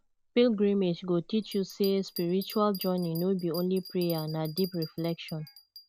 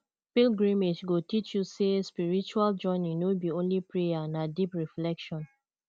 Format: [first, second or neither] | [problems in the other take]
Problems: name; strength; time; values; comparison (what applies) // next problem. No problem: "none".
second | background sound (Bell); 17 dB below the speech